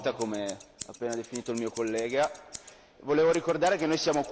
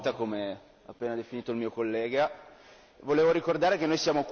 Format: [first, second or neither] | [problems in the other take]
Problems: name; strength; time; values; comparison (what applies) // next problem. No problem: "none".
second | background sound (Scissors); 18 dB below the speech